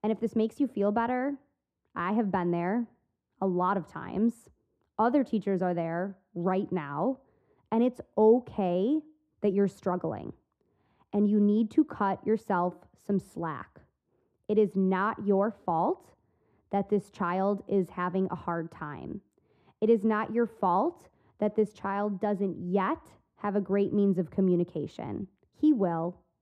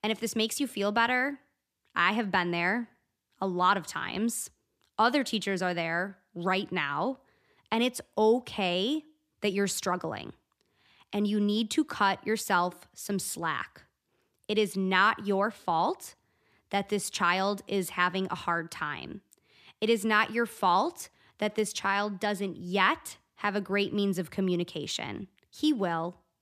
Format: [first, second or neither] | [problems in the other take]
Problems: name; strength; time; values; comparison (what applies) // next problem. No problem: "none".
second | muffled; very; fading above 1.5 kHz